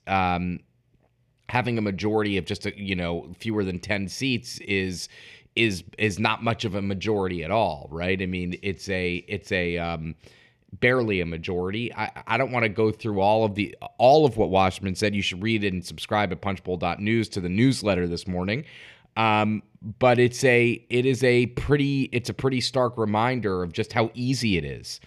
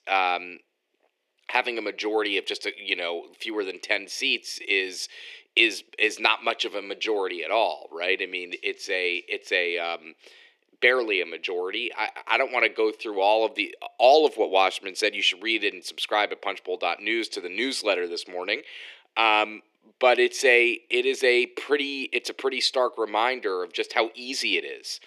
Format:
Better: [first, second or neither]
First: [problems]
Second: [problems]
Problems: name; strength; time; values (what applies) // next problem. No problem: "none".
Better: first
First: none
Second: thin; very; fading below 350 Hz